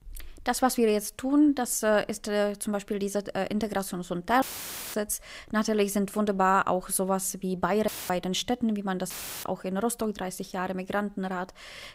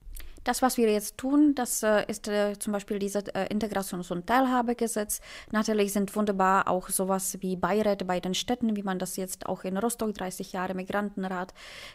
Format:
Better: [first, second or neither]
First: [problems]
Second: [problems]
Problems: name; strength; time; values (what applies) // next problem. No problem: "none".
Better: second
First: audio cutting out; filled with static; at 4.5 s for 0.5 s, at 8 s and at 9 s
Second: none